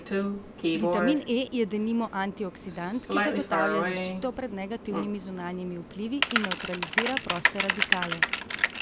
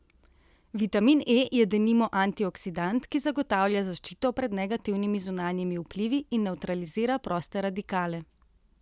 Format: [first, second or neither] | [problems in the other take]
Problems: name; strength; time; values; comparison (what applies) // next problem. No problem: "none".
second | background sound (Typing); 1 dB above the speech